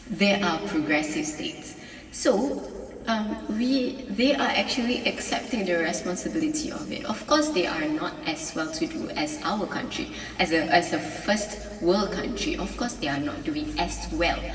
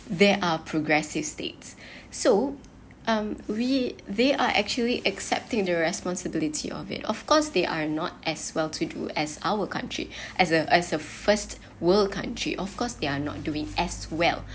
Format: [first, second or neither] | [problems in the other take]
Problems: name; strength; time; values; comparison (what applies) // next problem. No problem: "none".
second | room echo; dies away in 2.4 s